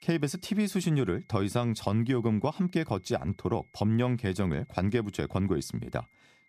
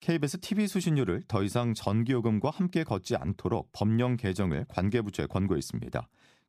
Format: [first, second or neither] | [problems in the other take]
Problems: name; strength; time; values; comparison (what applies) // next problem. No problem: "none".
second | high-pitched whine; faint; throughout; 2 kHz, 35 dB below the speech